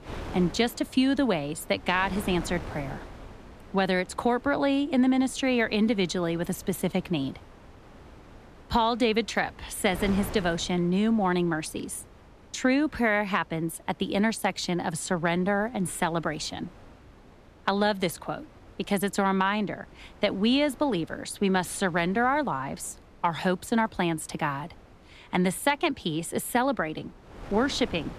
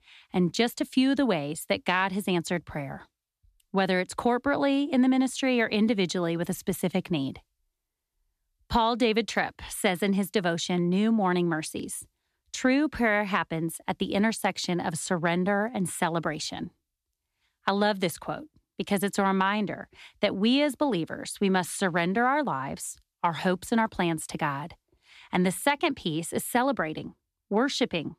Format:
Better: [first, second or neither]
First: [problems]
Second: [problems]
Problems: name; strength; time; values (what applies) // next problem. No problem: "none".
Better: second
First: wind noise on the microphone; occasional gusts; 20 dB below the speech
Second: none